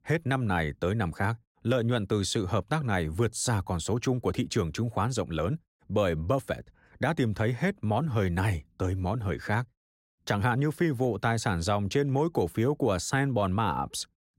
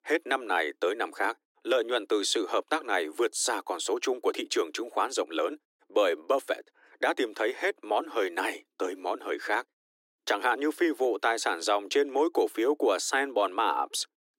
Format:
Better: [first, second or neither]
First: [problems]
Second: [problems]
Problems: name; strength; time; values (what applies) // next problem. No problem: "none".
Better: first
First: none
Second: thin; very; fading below 300 Hz